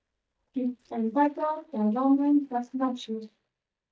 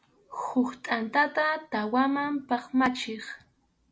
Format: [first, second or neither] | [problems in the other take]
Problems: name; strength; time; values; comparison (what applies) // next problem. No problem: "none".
second | noise reduction (neural mask model DeepFilterNet 3)